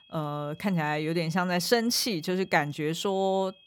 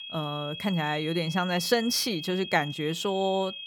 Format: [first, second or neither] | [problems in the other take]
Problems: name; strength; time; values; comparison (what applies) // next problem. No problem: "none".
first | high-pitched whine; loud; throughout; 3.5 kHz, 9 dB below the speech; faint in the first